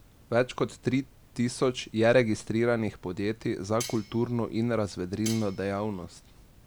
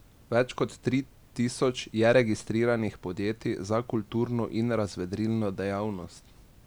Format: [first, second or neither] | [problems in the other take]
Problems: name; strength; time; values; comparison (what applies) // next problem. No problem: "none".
second | background sound (Cutlery, silverware); 15 dB below the speech